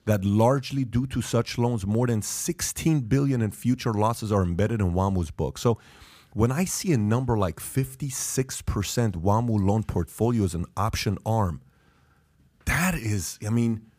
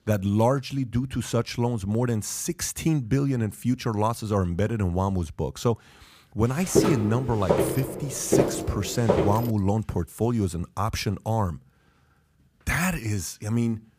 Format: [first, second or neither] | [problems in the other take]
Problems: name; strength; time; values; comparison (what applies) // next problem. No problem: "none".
first | footsteps; loud; from 7 to 9.5 s; peak 3 dB above the speech